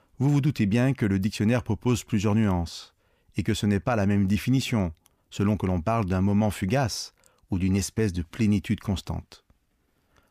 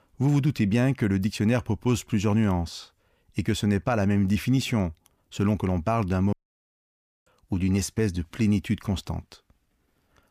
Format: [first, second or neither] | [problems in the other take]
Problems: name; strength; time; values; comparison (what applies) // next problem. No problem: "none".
first | audio cutting out; at 6.5 s for 1 s